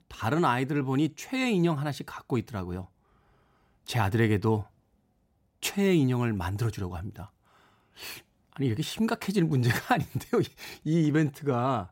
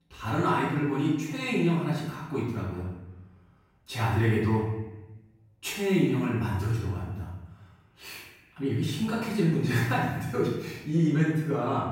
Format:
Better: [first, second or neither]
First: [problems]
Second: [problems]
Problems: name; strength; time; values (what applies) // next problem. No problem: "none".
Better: first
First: none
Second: off-mic speech; far // room echo; strong; dies away in 0.9 s